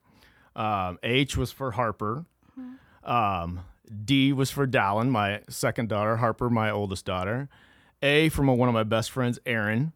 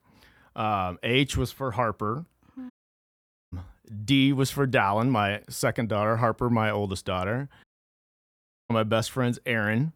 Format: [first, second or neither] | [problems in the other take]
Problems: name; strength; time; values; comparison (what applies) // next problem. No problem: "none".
first | audio cutting out; at 2.5 s for 1 s and at 7.5 s for 1 s